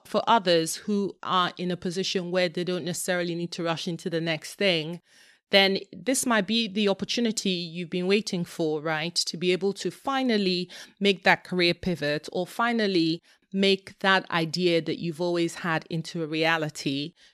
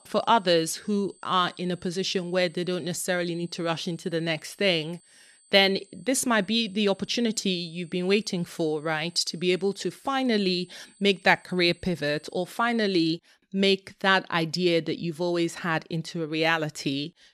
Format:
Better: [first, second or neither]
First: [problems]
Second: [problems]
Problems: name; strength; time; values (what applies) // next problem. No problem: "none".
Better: first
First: none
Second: high-pitched whine; faint; until 13 s; 8 kHz, 30 dB below the speech